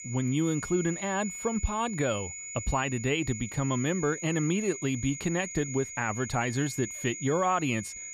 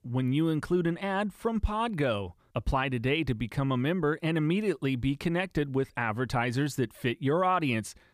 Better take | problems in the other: second | high-pitched whine; loud; throughout; 7 kHz, 8 dB below the speech

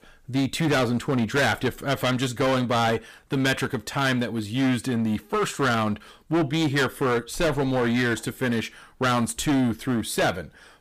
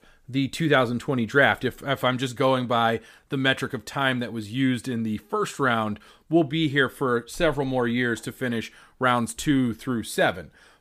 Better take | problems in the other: second | distortion; heavy; 15% of the sound clipped

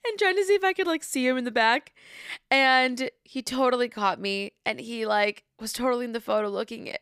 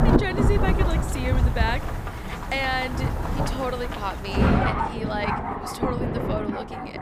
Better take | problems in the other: first | rain or running water; very loud; throughout; 4 dB above the speech

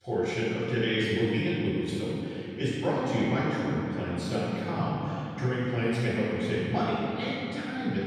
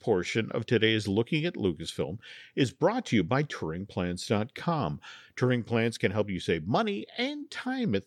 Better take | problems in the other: second | off-mic speech; far // room echo; strong; dies away in 2.9 s

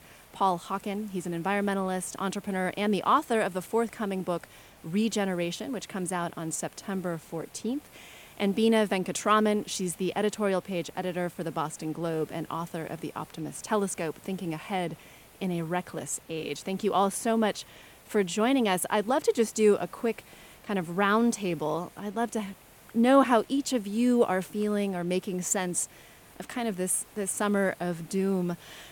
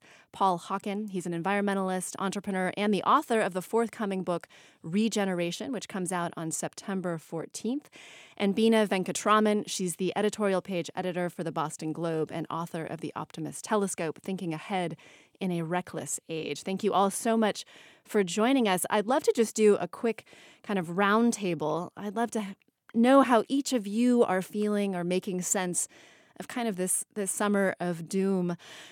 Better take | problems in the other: second | hiss; faint; throughout; 25 dB below the speech

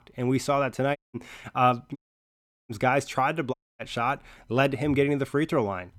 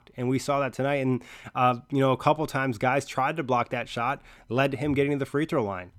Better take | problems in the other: second | audio cutting out; at 1 s, at 2 s for 0.5 s and at 3.5 s

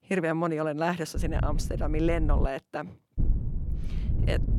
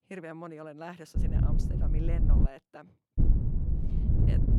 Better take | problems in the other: first | wind noise on the microphone; heavy; from 1 to 2.5 s and from 3 s on; 2 dB above the speech; occasional gusts in the first

